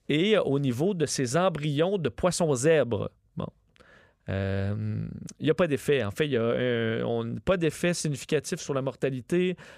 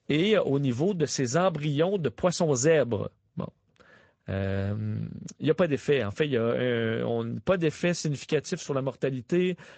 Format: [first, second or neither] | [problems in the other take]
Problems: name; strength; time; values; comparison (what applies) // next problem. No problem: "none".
first | garbled, watery; slightly; nothing above 7.5 kHz